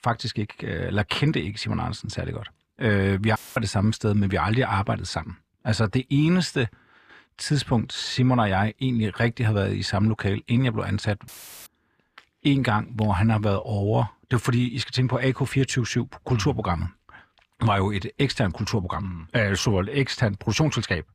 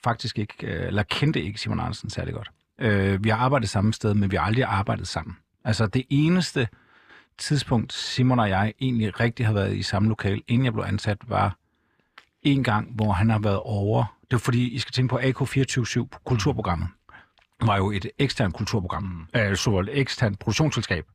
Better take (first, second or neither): second